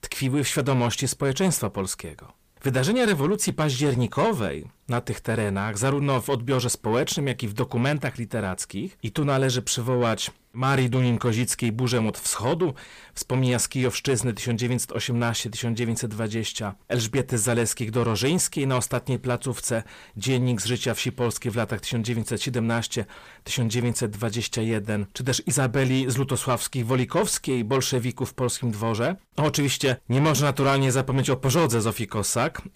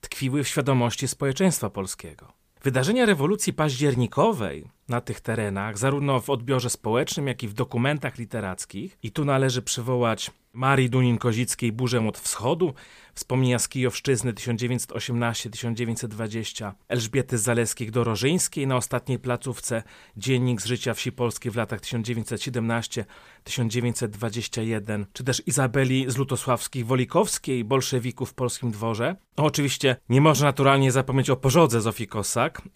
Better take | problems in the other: second | distortion; slight; 10 dB below the speech

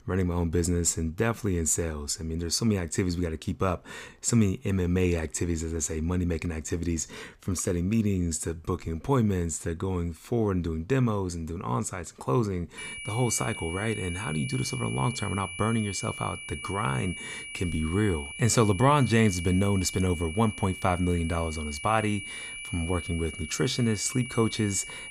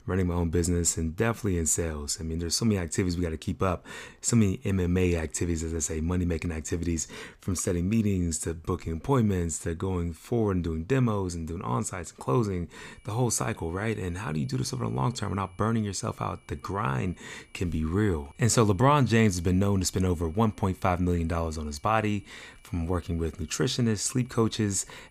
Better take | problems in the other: second | high-pitched whine; loud; from 13 s on; 2.5 kHz, 9 dB below the speech; faint in the second

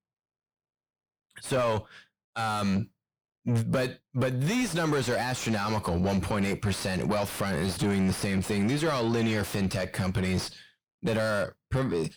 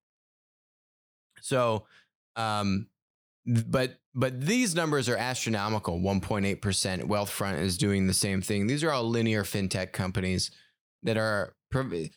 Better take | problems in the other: second | distortion; heavy; 7 dB below the speech

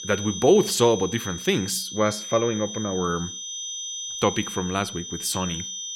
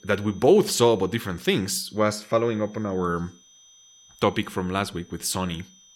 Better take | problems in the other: second | high-pitched whine; loud; throughout; 6 kHz, 8 dB below the speech; faint in the second

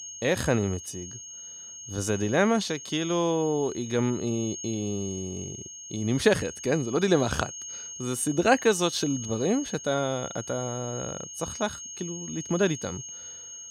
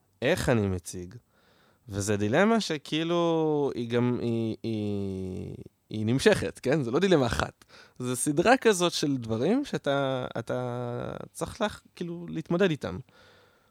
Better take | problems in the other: second | high-pitched whine; loud; throughout; 6.5 kHz, 10 dB below the speech

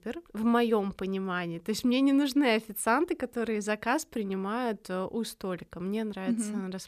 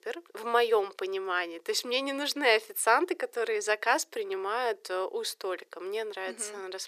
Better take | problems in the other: first | thin; very; fading below 350 Hz

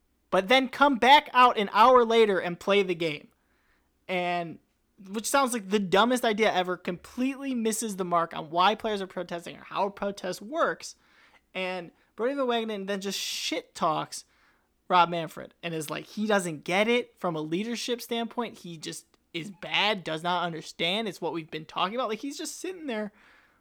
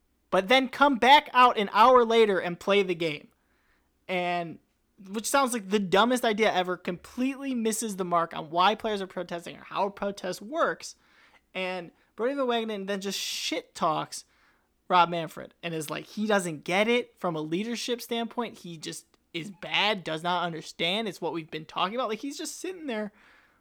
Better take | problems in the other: neither | none

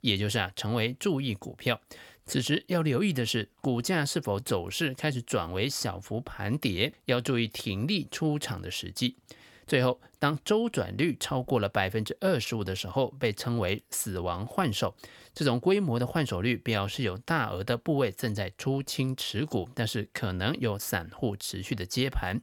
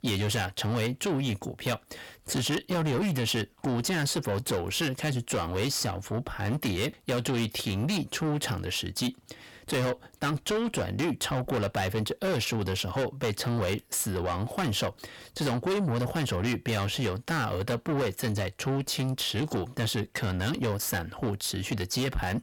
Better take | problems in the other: first | distortion; heavy; 7 dB below the speech

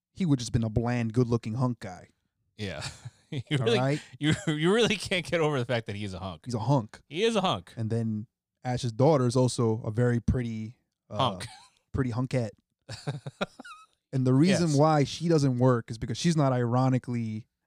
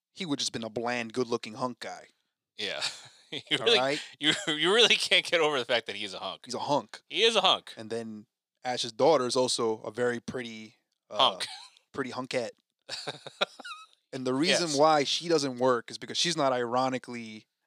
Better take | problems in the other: first | thin; somewhat; fading below 400 Hz

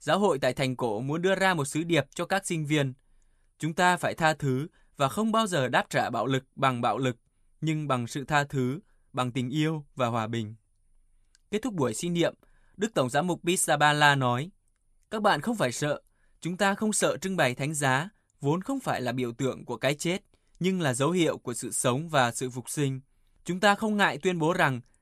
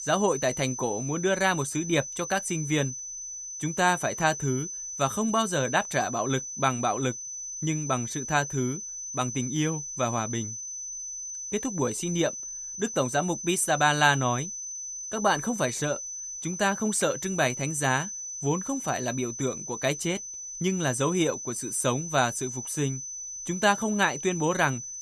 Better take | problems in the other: first | high-pitched whine; loud; throughout; 6 kHz, 7 dB below the speech

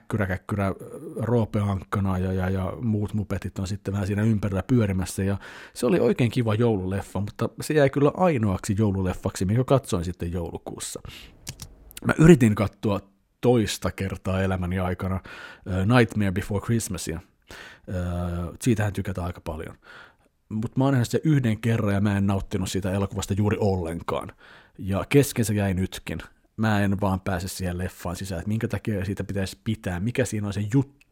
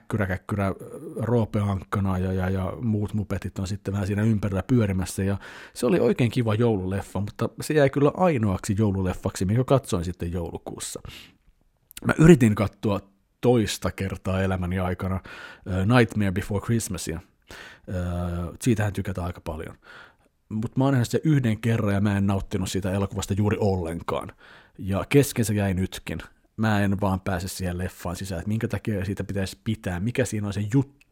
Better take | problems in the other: second | keyboard typing; faint; at 11 s; peak 15 dB below the speech

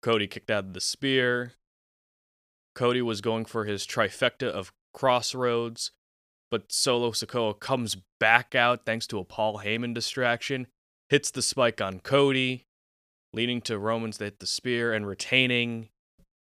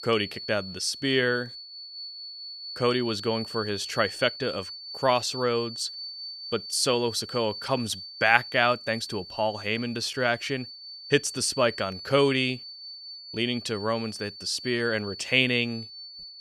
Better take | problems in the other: first | high-pitched whine; noticeable; throughout; 4.5 kHz, 10 dB below the speech

